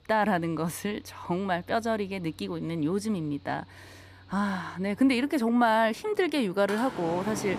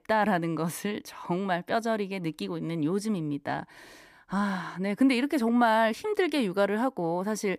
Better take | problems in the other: second | machinery noise; noticeable; throughout; 20 dB below the speech

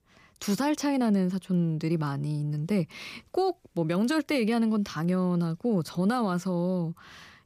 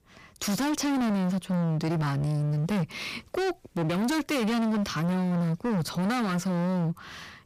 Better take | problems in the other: first | distortion; heavy; 38% of the sound clipped

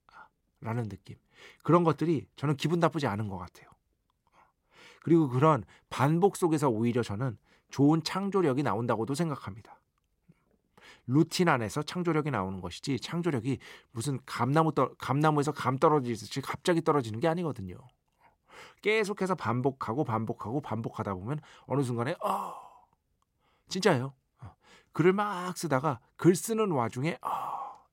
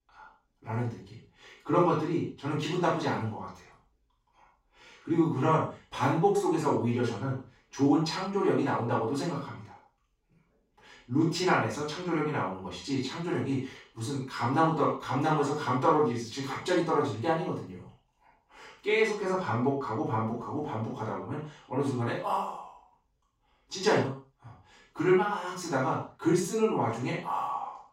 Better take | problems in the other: first | room echo; noticeable; dies away in 0.4 s // off-mic speech; far

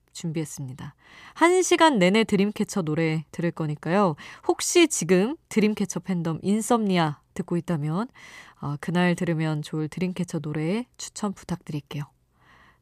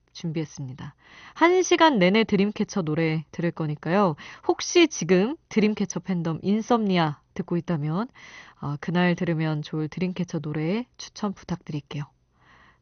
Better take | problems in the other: first | garbled, watery; slightly; nothing above 6.5 kHz

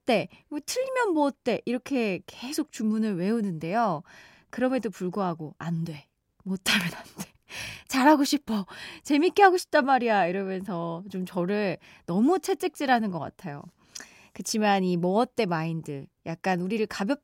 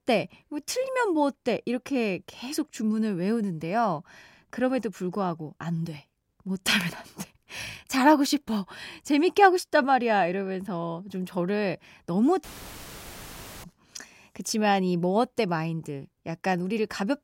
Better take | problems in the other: first | audio cutting out; filled with static; at 12 s for 1 s

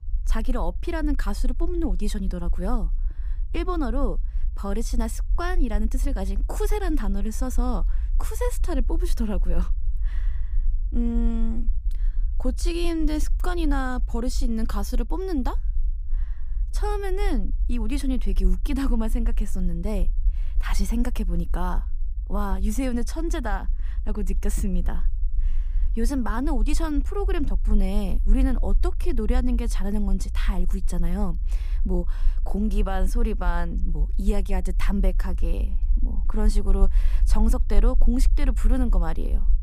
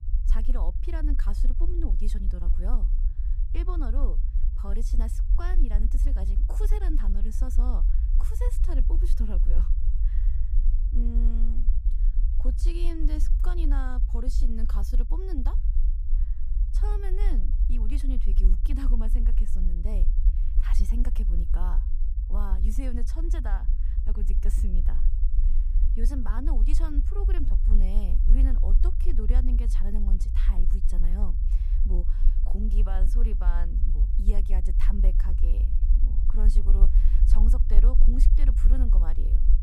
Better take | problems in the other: first | low rumble; loud; throughout; 7 dB below the speech; faint in the first

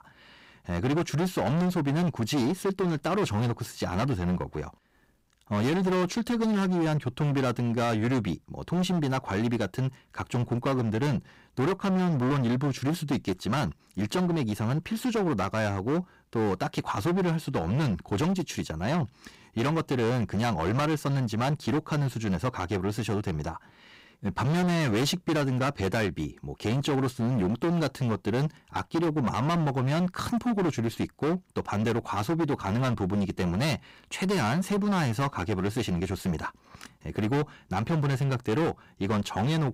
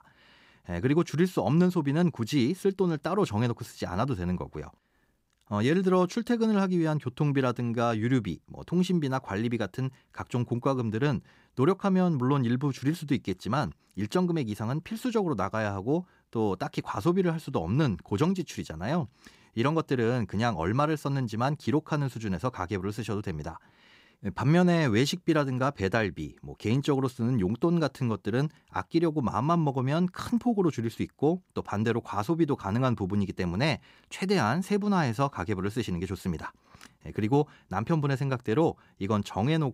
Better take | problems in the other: second | distortion; heavy; 22% of the sound clipped

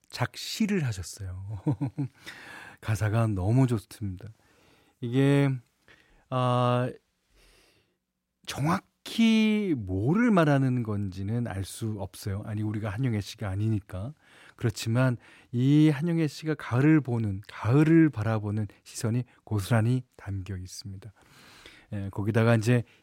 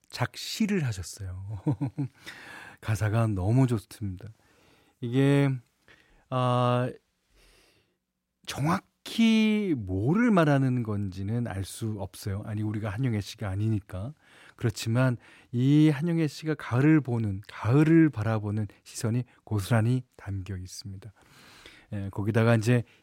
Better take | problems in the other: neither | none

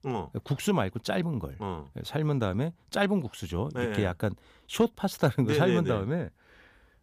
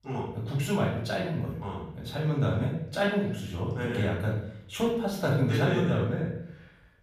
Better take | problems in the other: first | off-mic speech; far // room echo; noticeable; dies away in 0.6 s

